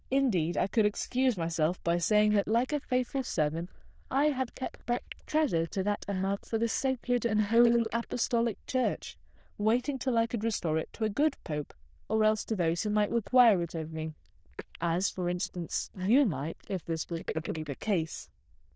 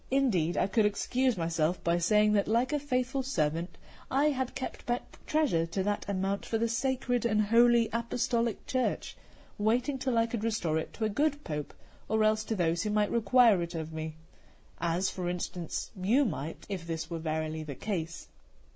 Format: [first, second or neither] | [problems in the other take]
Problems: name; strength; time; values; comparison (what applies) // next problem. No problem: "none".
second | noise reduction (neural diffusion model UNIVERSE++)